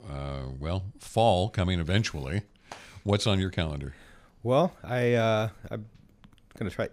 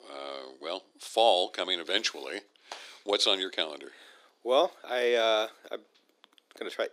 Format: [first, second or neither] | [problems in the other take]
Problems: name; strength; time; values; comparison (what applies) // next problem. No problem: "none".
first | thin; very; fading below 300 Hz